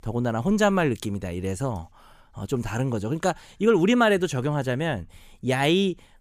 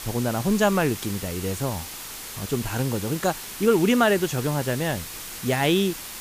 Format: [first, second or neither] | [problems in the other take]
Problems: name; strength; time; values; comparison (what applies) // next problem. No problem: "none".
first | hiss; loud; throughout; 10 dB below the speech